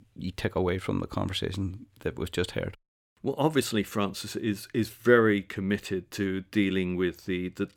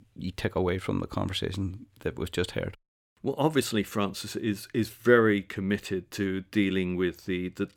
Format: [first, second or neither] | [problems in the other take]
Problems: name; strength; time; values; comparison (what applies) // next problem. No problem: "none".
neither | none